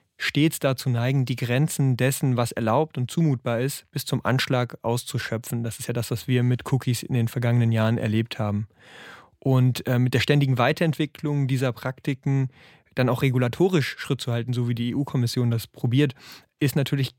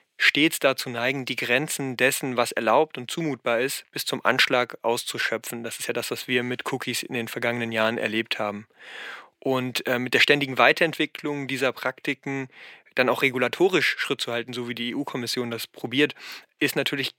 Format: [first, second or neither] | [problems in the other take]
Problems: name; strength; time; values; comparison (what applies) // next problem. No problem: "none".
first | thin; somewhat; fading below 400 Hz